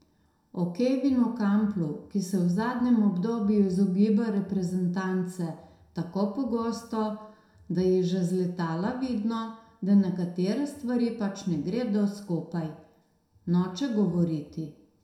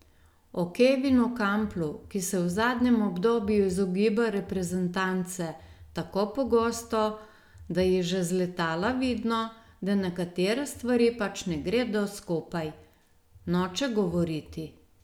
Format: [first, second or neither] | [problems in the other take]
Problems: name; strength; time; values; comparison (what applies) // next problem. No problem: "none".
second | room echo; dies away in 0.5 s